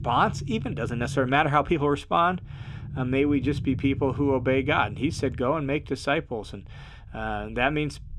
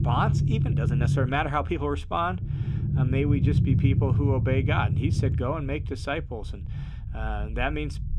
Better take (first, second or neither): first